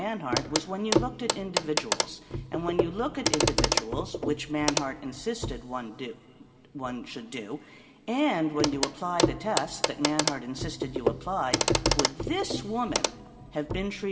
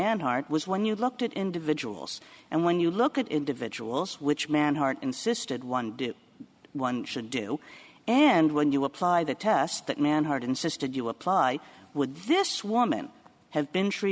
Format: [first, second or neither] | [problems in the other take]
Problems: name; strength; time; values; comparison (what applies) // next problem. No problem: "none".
second | background sound (Clock); 1 dB above the speech // room echo; dies away in 2 s